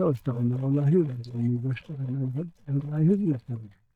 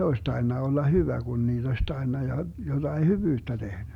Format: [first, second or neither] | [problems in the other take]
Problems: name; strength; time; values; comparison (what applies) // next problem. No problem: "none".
second | noise reduction (neural mask model DeepFilterNet 3)